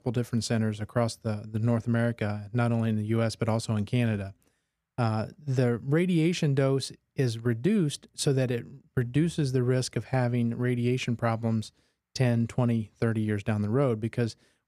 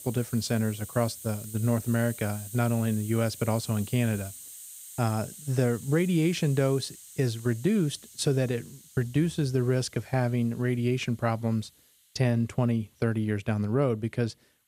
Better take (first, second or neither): first